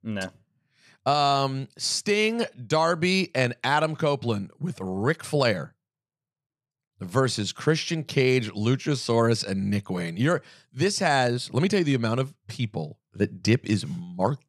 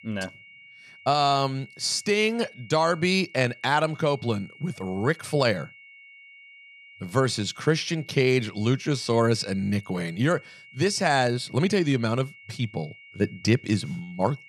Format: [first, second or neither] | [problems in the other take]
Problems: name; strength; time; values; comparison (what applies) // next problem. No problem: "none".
first | high-pitched whine; faint; throughout; 2 kHz, 20 dB below the speech